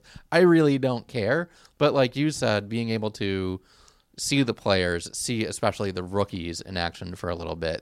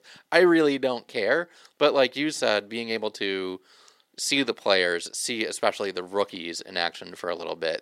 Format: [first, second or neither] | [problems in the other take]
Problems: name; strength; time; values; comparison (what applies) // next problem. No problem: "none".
first | thin; somewhat; fading below 400 Hz